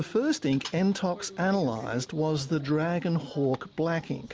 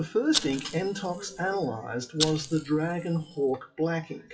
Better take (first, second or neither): first